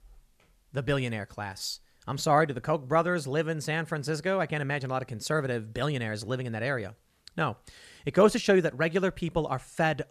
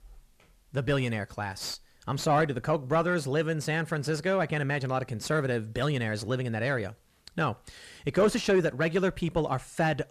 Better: first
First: none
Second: distortion; slight; 10 dB below the speech

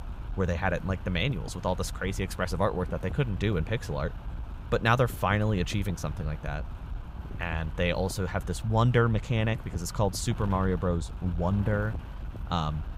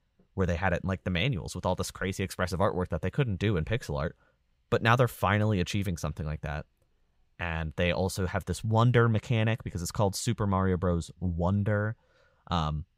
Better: second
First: wind noise on the microphone; occasional gusts; 15 dB below the speech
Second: none

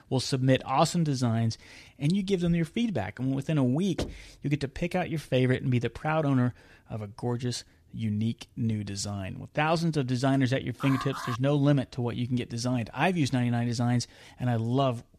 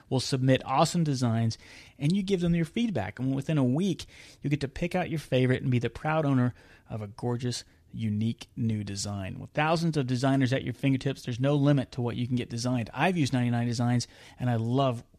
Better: second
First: door banging; noticeable; at 4 s; peak 9 dB below the speech // alarm; noticeable; at 11 s; peak 7 dB below the speech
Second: none

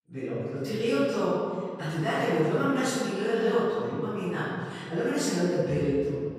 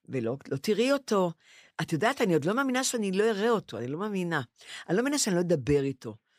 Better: second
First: room echo; strong; dies away in 2 s // off-mic speech; far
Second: none

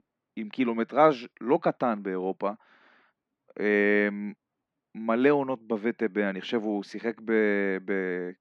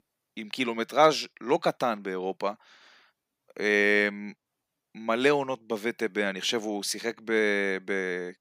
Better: second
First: muffled; very; fading above 2 kHz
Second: none

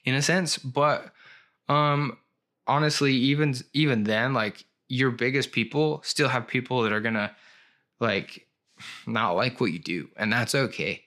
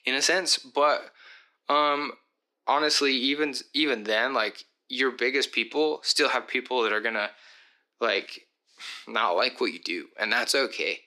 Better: first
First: none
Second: thin; somewhat; fading below 300 Hz

